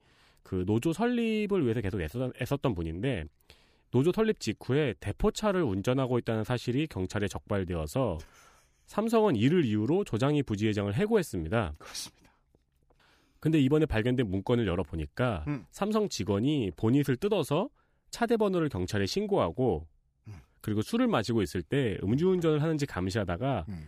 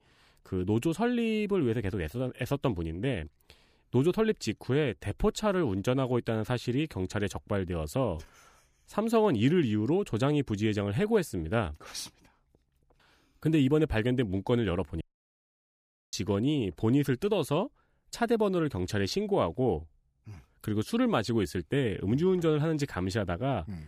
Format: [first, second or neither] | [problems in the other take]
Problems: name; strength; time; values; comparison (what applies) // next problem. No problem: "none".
first | audio cutting out; at 15 s for 1 s